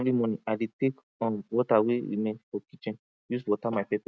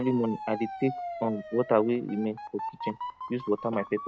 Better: first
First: none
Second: background sound (Motor vehicle (road) / Siren); 10 dB below the speech

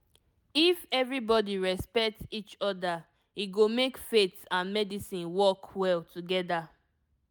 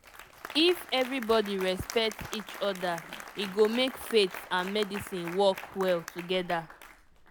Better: first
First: none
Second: background sound (Applause); 14 dB below the speech

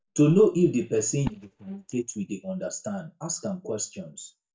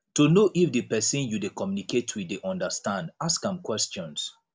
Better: second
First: noise reduction (neural mask model DeepFilterNet 3)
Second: none

